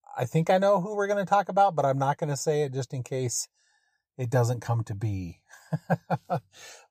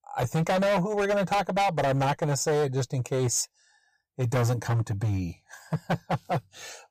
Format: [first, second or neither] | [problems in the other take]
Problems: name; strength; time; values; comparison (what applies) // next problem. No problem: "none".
first | distortion; heavy; 17% of the sound clipped